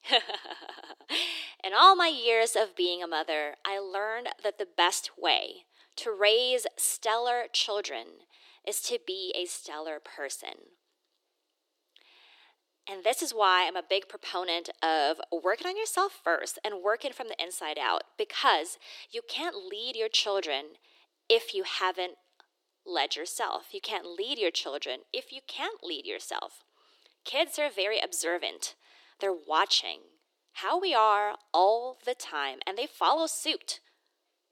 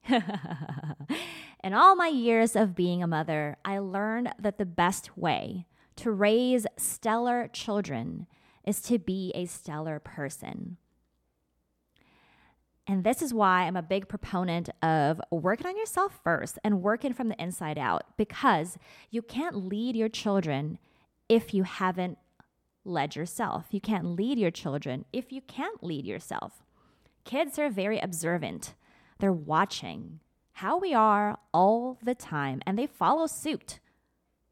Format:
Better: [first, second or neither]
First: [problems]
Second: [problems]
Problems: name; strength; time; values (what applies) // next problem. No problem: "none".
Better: second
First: thin; very; fading below 350 Hz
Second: none